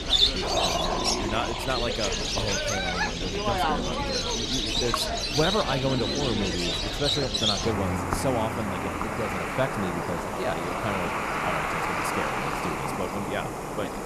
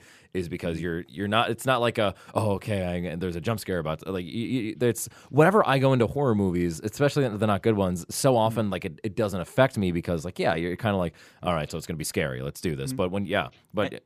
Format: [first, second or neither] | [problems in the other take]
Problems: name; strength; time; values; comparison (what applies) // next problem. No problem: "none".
second | animal sounds; very loud; throughout; 5 dB above the speech